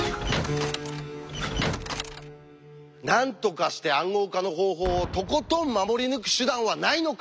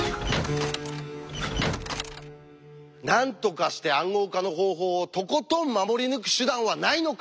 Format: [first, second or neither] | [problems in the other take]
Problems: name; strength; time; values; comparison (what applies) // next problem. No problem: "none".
second | background sound (Boom); 18 dB below the speech